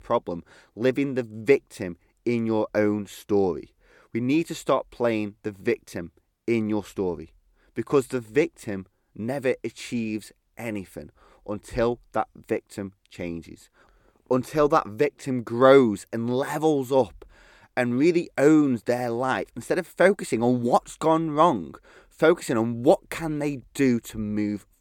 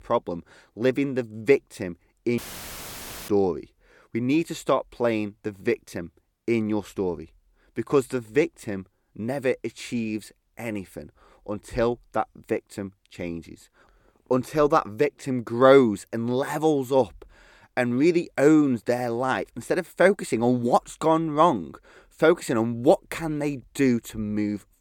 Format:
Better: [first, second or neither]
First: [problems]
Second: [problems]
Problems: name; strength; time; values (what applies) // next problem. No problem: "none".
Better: first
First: none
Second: audio cutting out; filled with static; at 2.5 s for 1 s